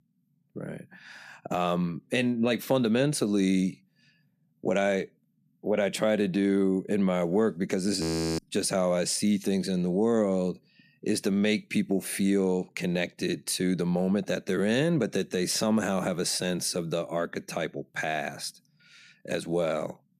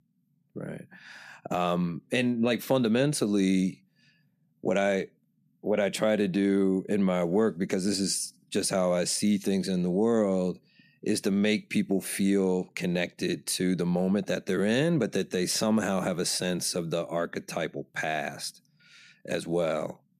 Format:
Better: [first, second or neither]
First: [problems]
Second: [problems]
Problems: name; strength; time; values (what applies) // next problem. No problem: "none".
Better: second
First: audio freezing; at 8 s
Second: none